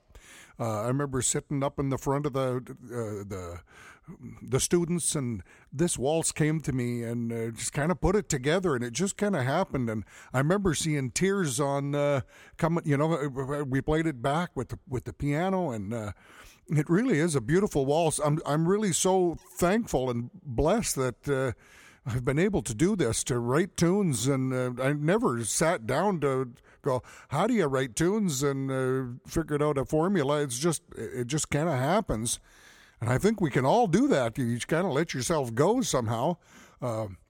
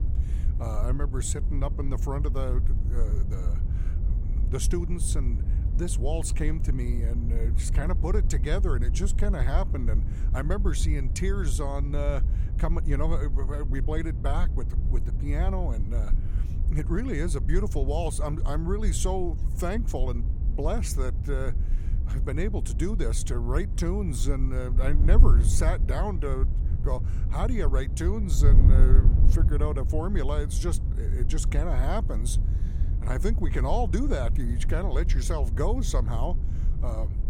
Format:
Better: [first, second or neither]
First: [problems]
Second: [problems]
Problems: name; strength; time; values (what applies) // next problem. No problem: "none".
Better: first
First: none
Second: wind noise on the microphone; occasional gusts; 10 dB below the speech